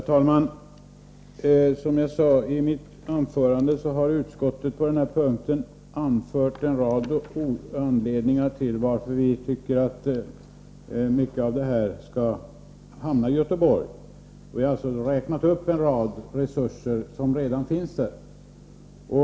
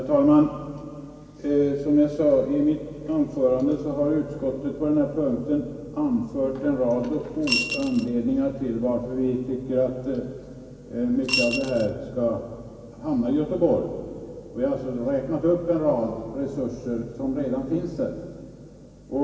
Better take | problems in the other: first | background sound (Coin (dropping) / Glass); 5 dB below the speech // room echo; dies away in 2.5 s

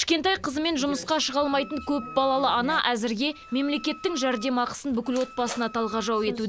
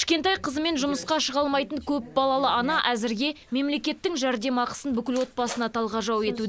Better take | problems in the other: second | background sound (Wind instrument, woodwind instrument); 18 dB below the speech

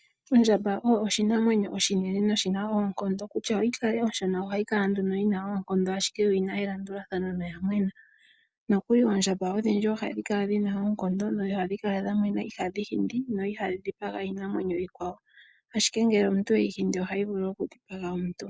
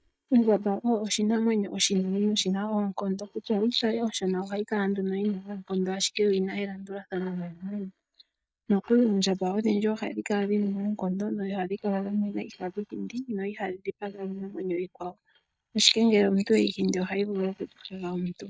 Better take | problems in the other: first | noise reduction (neural mask model DeepFilterNet 3)

